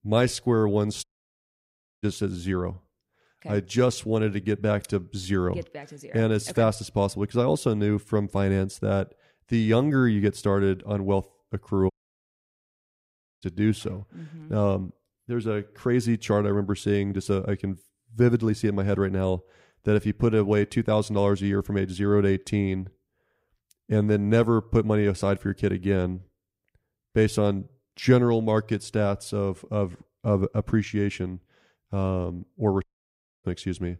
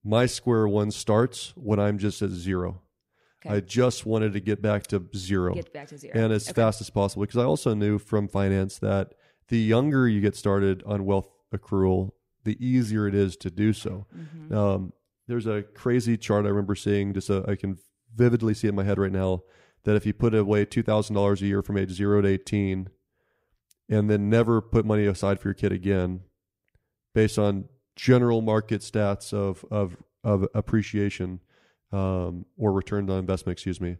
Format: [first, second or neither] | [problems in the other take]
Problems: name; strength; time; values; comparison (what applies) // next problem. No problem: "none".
second | audio cutting out; at 1 s for 1 s, at 12 s for 1.5 s and at 33 s for 0.5 s